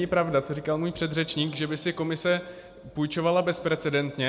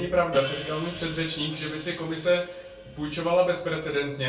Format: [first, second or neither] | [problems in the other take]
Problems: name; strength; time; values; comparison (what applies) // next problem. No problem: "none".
first | background sound (Hi-hat); 15 dB below the speech // room echo; dies away in 0.3 s